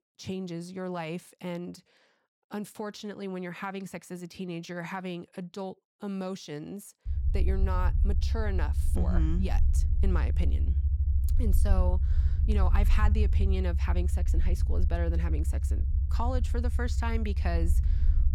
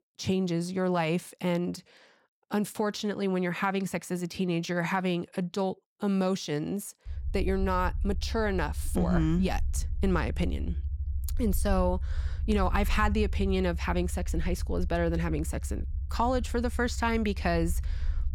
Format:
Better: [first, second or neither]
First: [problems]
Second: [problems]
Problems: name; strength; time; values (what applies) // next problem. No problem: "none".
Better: second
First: low rumble; loud; from 7 s on; 9 dB below the speech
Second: low rumble; faint; from 7 s on; 20 dB below the speech